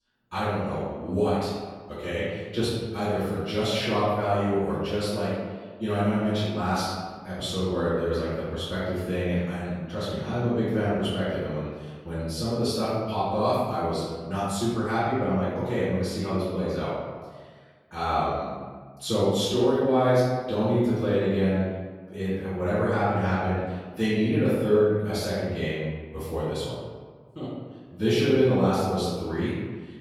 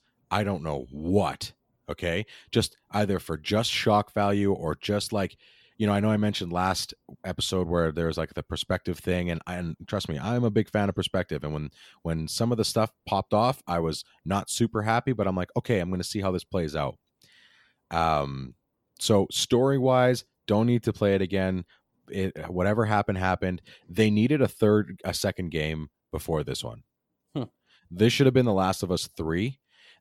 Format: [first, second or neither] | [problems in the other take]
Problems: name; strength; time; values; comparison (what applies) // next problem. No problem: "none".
second | off-mic speech; far // room echo; strong; dies away in 1.3 s